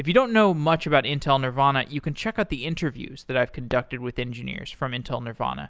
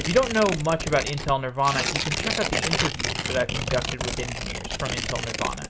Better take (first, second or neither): first